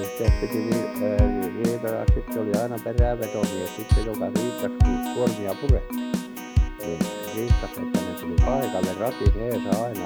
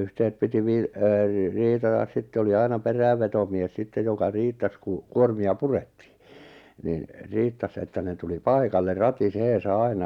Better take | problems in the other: second | background sound (Keyboard (musical)); 5 dB above the speech

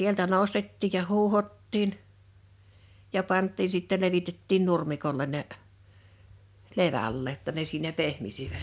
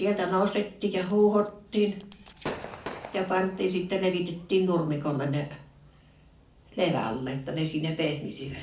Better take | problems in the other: first | background sound (Gunshot, gunfire / Fireworks); 18 dB below the speech // room echo; dies away in 0.4 s

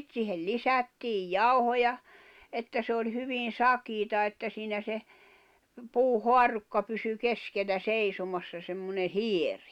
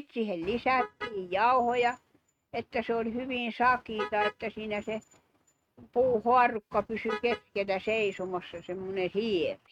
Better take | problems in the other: first | noise reduction (neural mask model RNNoise)

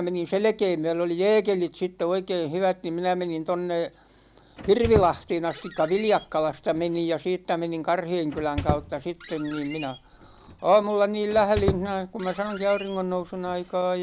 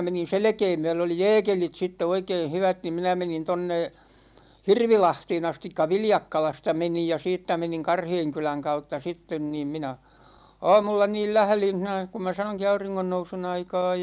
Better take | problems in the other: second | background sound (Squeak); 10 dB below the speech

